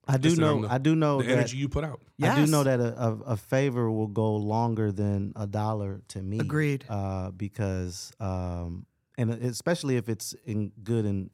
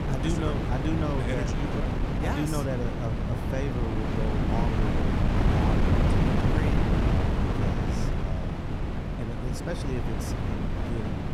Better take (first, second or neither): first